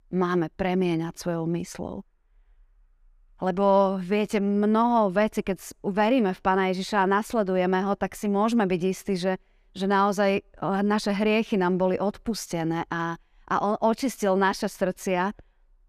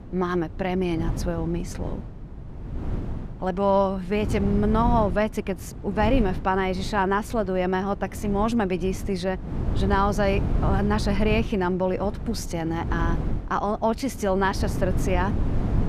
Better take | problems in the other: first | wind noise on the microphone; occasional gusts; 15 dB below the speech

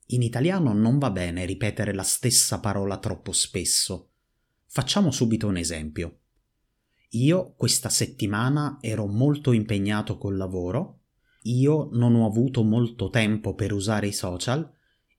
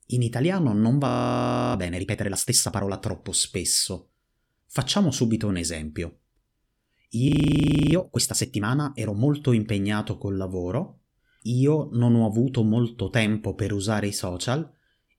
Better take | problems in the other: first | audio freezing; at 1 s for 0.5 s and at 7.5 s for 0.5 s

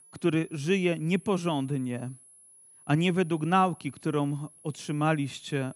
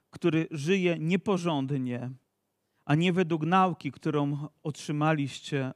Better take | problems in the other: second | high-pitched whine; faint; throughout; 11 kHz, 25 dB below the speech

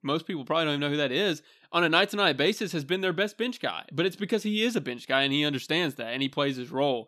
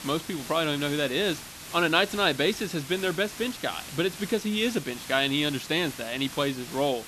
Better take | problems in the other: first | hiss; noticeable; throughout; 10 dB below the speech

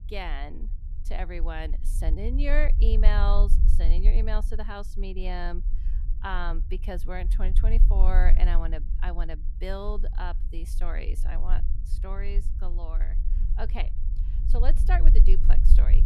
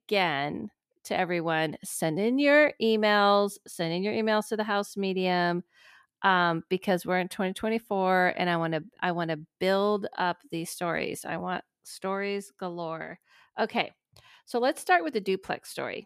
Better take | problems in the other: second | low rumble; noticeable; throughout; 15 dB below the speech

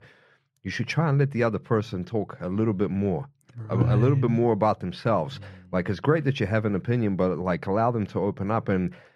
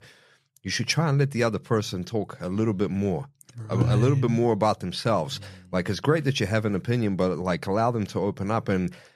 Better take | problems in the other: second | muffled; slightly; fading above 4 kHz

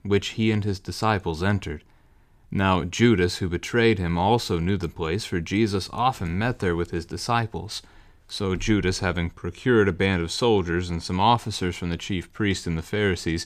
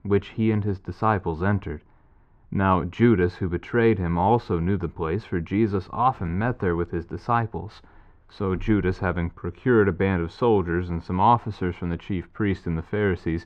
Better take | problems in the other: first | muffled; very; fading above 4 kHz

